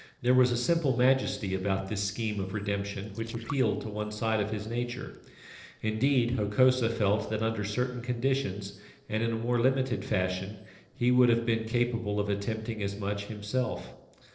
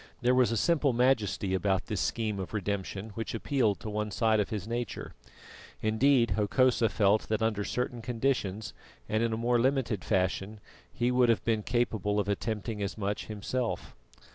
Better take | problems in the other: second | noise reduction (neural separator model SepFormer DNS4)

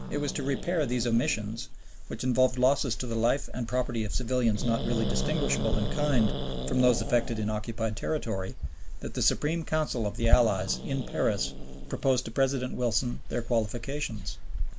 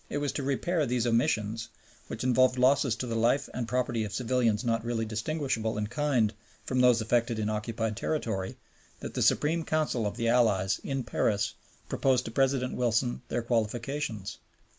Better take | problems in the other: second | background sound (Growling); 2 dB below the speech

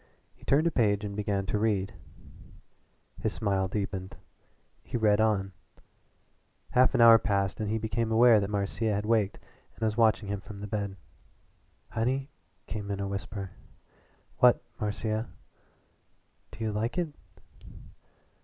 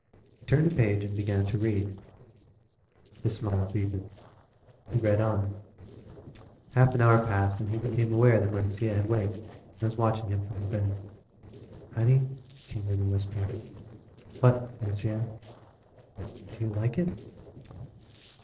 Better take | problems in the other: first | noise reduction (neural separator model SepFormer DNS4)

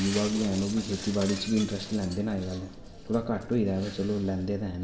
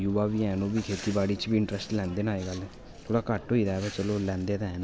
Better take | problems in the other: second | background sound (Shatter); 14 dB below the speech // room echo; dies away in 1.8 s

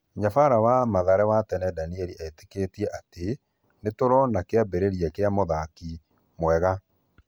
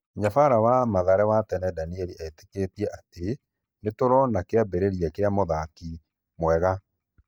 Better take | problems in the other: first | noise reduction (neural mask model DeepFilterNet 3)

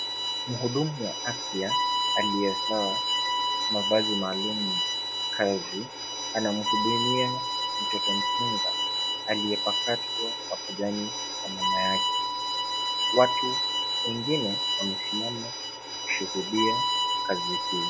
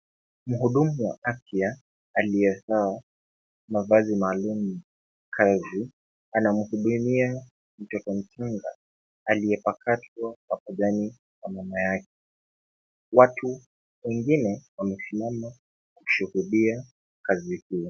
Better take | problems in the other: second | background sound (Bowed string instrument); 3 dB above the speech

